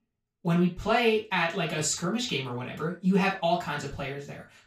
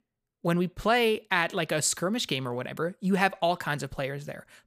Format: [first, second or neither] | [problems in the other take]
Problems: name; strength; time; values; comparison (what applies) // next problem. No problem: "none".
second | room echo; noticeable; dies away in 0.2 s // off-mic speech; far